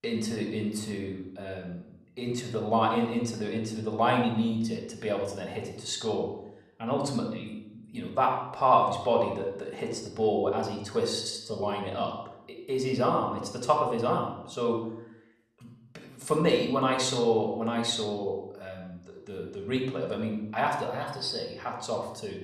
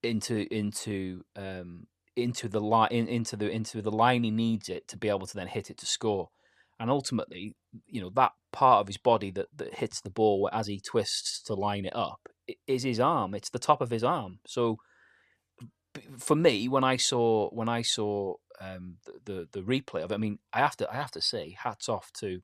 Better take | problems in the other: second | off-mic speech; somewhat distant // room echo; noticeable; dies away in 0.7 s

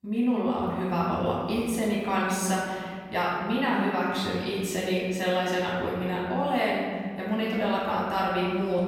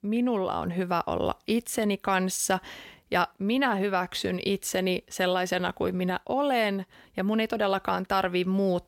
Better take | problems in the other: second | off-mic speech; far // room echo; strong; dies away in 1.8 s

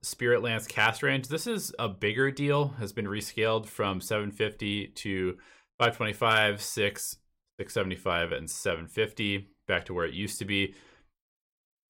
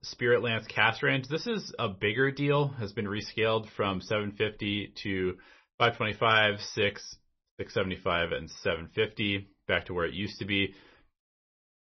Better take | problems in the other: first | garbled, watery; slightly; nothing above 6 kHz

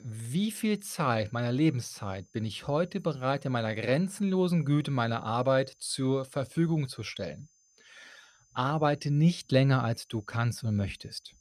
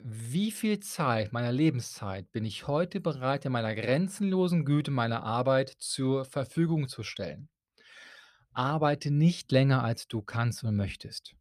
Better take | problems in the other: second | high-pitched whine; faint; throughout; 6 kHz, 35 dB below the speech

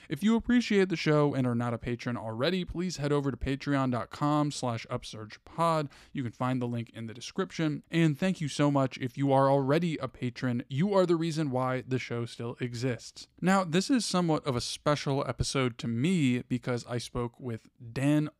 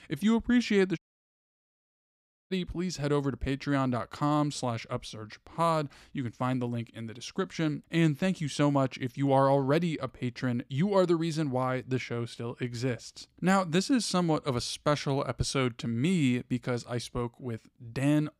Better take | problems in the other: first | audio cutting out; at 1 s for 1.5 s

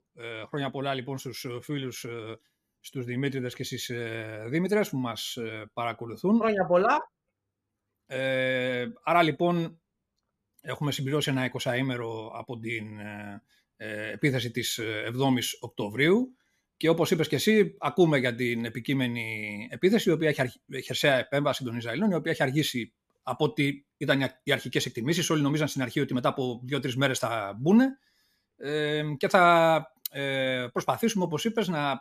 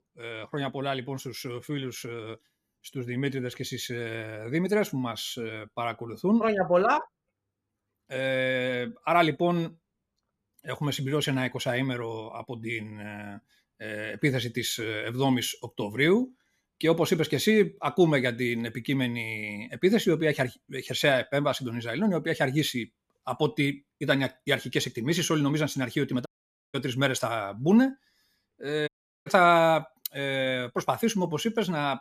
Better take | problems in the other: first | audio cutting out; at 26 s and at 29 s

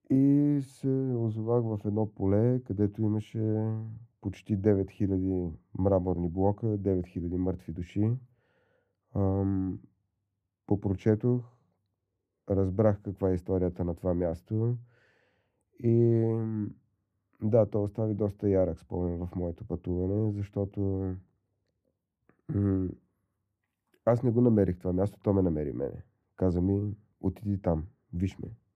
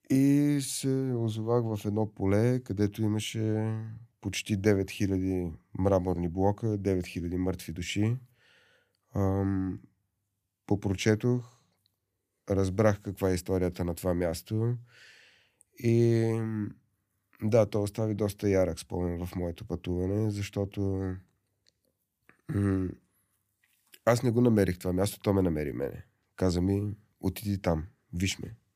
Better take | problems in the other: second | muffled; very; fading above 1.5 kHz

